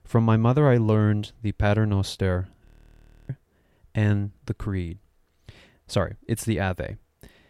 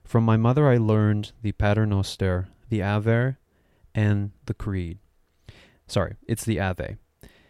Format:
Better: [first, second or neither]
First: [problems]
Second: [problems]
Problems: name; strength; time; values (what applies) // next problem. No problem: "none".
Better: second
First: audio freezing; at 2.5 s for 0.5 s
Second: none